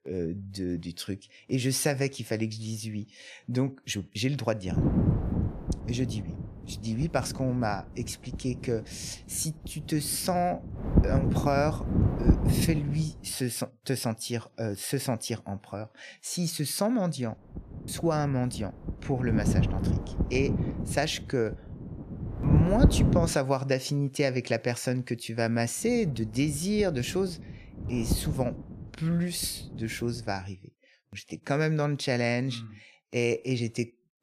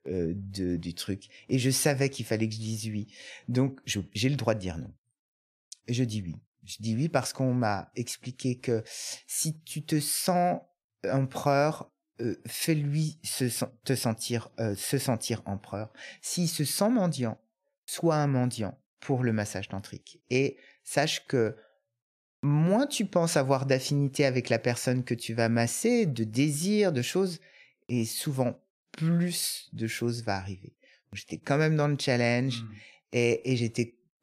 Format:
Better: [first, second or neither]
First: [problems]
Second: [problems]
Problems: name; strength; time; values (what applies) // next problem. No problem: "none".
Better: second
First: wind noise on the microphone; heavy; from 4.5 to 13 s, from 17 to 23 s and from 26 to 30 s; 5 dB below the speech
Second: none